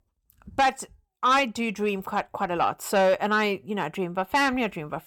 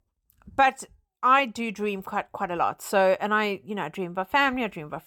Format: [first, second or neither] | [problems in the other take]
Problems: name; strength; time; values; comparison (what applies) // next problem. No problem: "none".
second | distortion; slight; 10 dB below the speech